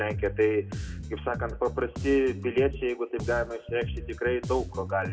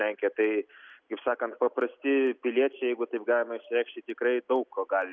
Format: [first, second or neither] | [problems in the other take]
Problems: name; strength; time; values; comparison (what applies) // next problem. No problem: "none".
second | background sound (Bass guitar); 8 dB below the speech // room echo; dies away in 0.8 s